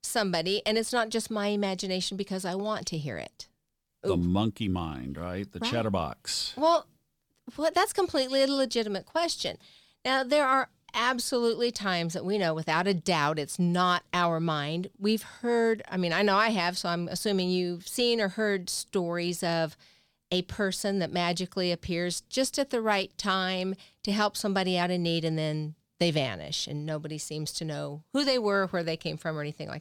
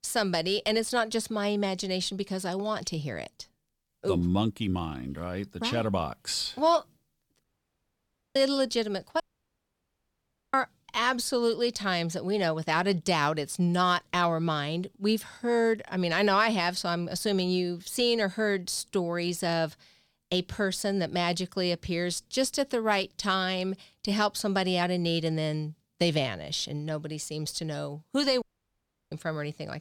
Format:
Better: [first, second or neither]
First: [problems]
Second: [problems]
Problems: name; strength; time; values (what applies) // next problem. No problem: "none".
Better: first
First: none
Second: audio cutting out; at 7.5 s for 1 s, at 9 s for 1.5 s and at 28 s for 0.5 s